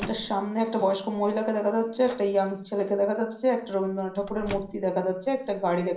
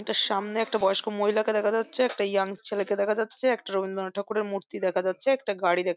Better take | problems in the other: second | background sound (Microwave oven); 19 dB below the speech // room echo; dies away in 0.6 s

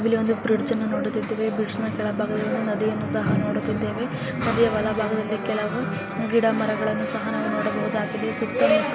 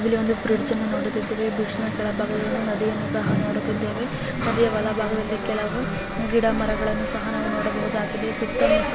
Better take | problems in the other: first | background sound (Water + Domestic sounds, home sounds); 11 dB below the speech

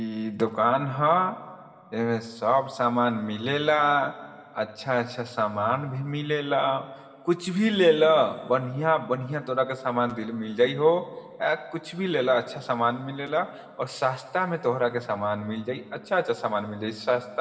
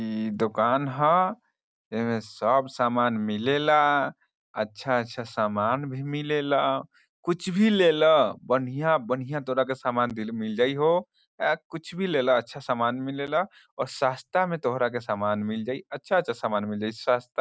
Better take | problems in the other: second | room echo; dies away in 1.9 s

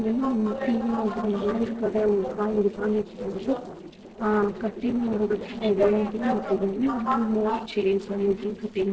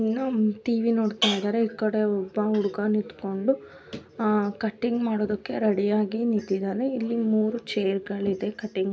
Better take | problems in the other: second | noise reduction (neural separator model SepFormer DNS4)

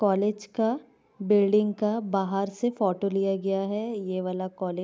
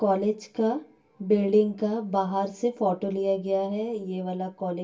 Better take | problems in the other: first | room echo; dies away in 0.2 s

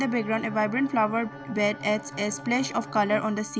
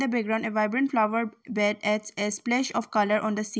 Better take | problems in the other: second | background sound (Wind instrument, woodwind instrument + Bowed string instrument); 13 dB below the speech

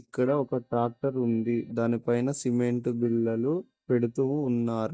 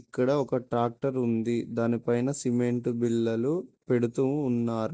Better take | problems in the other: second | noise reduction (neural mask model DeepFilterNet 3)

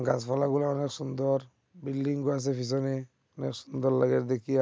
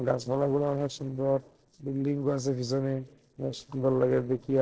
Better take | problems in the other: first | noise reduction (neural separator model SepFormer DNS4)

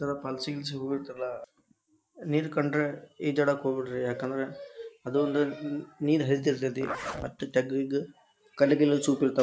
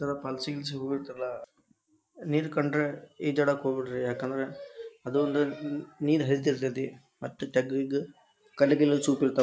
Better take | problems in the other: second | background sound (Zipper (clothing)); 11 dB below the speech

